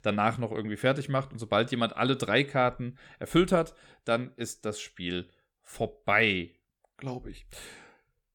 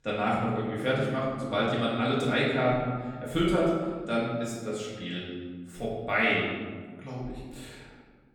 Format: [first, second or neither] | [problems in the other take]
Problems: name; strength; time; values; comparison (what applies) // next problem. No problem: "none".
first | room echo; noticeable; dies away in 1.5 s // off-mic speech; far